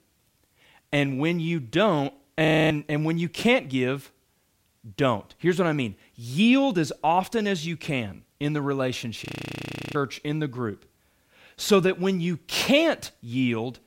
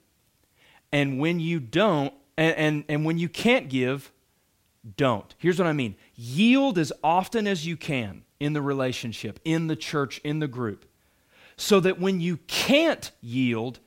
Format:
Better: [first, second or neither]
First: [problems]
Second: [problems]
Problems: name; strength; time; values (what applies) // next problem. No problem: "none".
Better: second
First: audio freezing; at 2.5 s and at 9.5 s for 0.5 s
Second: none